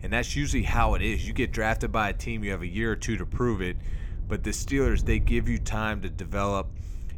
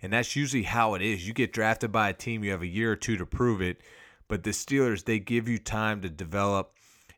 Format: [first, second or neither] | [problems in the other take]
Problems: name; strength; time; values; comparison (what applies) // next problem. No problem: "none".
second | wind noise on the microphone; occasional gusts; 20 dB below the speech